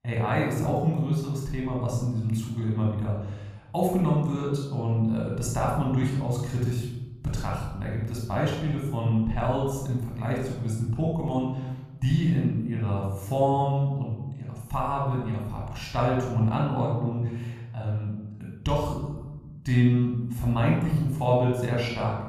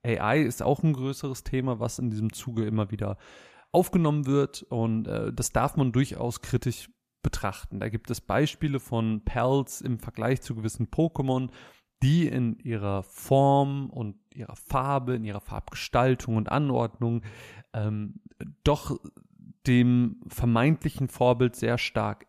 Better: second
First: off-mic speech; somewhat distant // room echo; noticeable; dies away in 1.1 s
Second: none

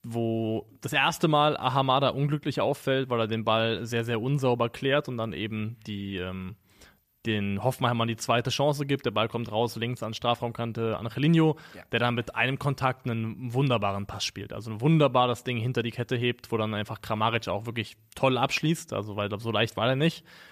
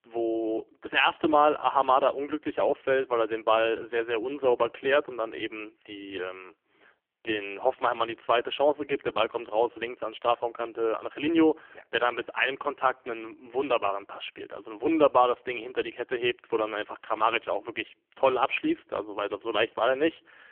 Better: first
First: none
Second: phone-call audio; poor line; nothing above 3 kHz

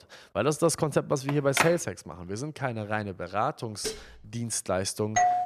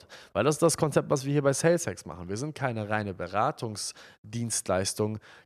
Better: second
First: phone ringing; loud; at 1.5 s; peak 2 dB above the speech // clattering dishes; noticeable; at 4 s; peak 9 dB below the speech // doorbell; very faint; at 5 s; peak 5 dB above the speech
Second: none

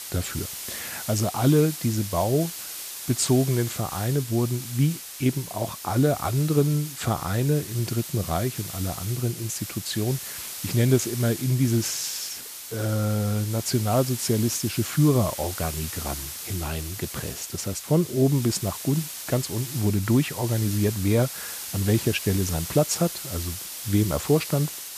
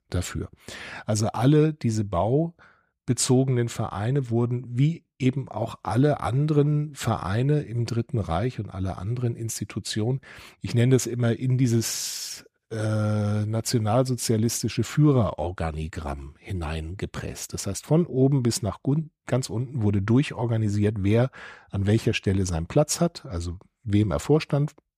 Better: second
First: hiss; loud; throughout; 8 dB below the speech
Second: none

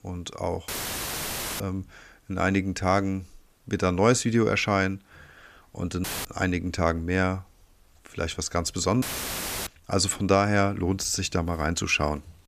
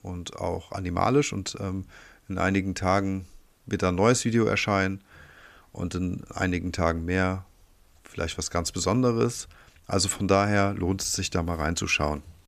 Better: second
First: audio cutting out; filled with static; at 0.5 s for 1 s, at 6 s and at 9 s for 0.5 s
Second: none

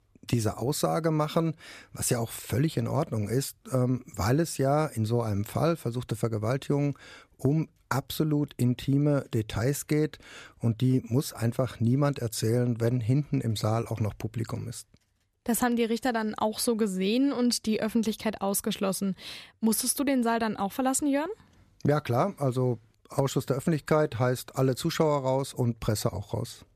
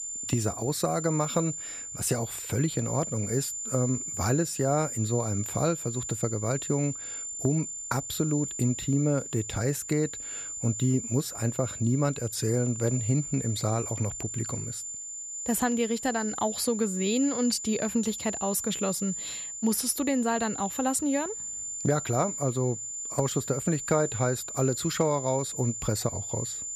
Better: first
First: none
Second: high-pitched whine; loud; throughout; 7 kHz, 5 dB below the speech

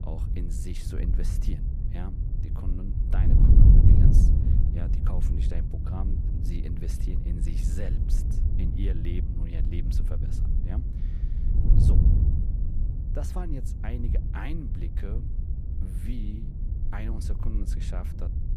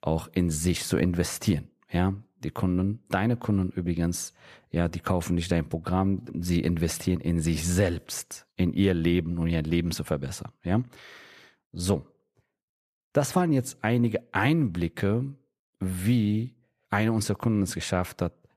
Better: second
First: wind noise on the microphone; heavy; 2 dB above the speech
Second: none

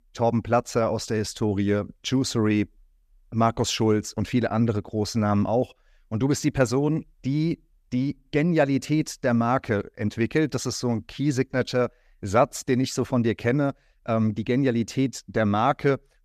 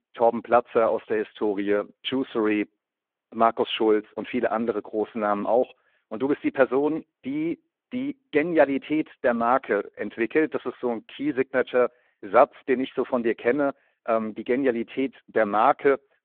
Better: first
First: none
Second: phone-call audio

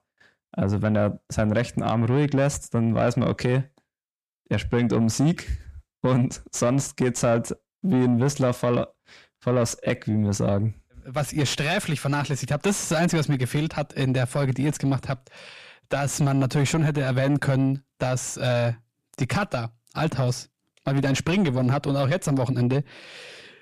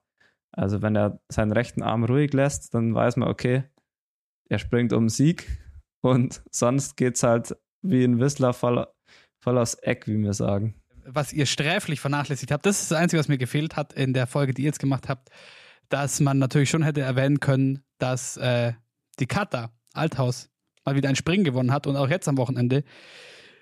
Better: second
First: distortion; slight; 10 dB below the speech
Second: none

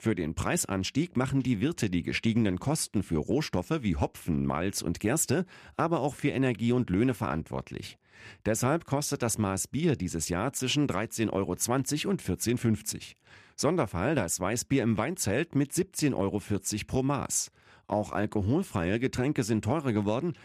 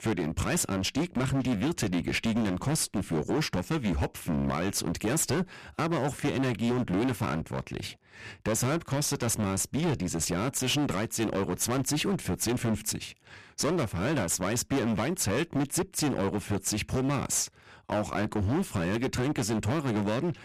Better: first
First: none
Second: distortion; heavy; 19% of the sound clipped

